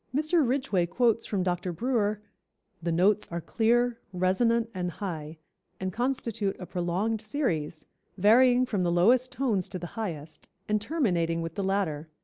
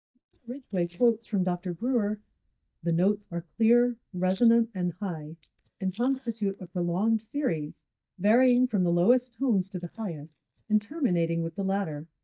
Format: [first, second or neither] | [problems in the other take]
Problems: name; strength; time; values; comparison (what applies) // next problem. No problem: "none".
first | noise reduction (neural mask model DeepFilterNet 3)